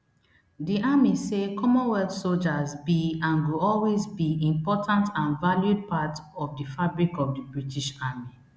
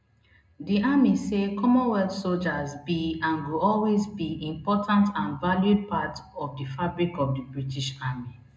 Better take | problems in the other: first | room echo; dies away in 0.2 s

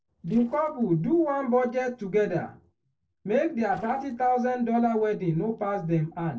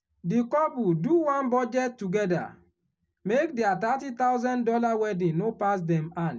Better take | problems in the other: second | noise reduction (neural separator model SepFormer DNS4)

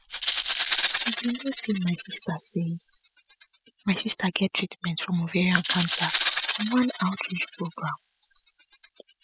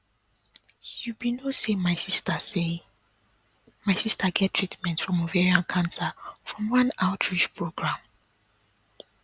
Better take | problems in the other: second | noise reduction (classical method spectral subtraction)

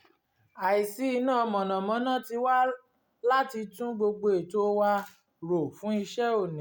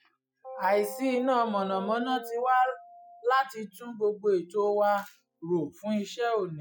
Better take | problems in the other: first | noise reduction (classical method Wiener filter)

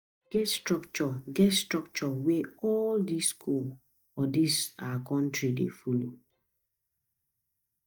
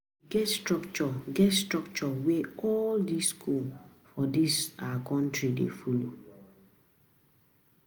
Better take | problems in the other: second | noise reduction (neural mask model DeepFilterNet 3)

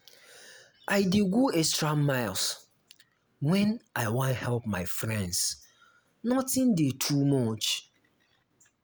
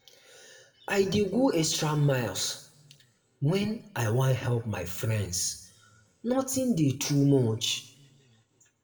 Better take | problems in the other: first | room echo; dies away in 0.7 s

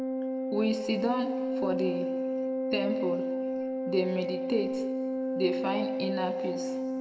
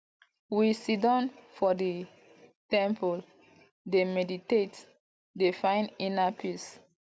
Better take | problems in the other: second | background sound (Organ); 2 dB above the speech // room echo; dies away in 1.9 s

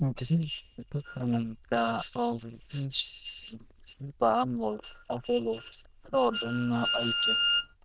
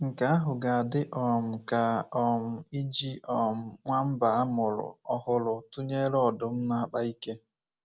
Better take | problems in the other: second | noise reduction (neural diffusion model UNIVERSE++)

